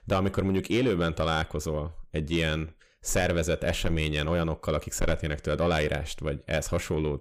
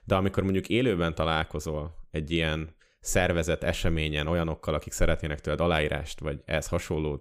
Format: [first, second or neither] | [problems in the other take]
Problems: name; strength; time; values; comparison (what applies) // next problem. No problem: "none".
second | distortion; slight; 10 dB below the speech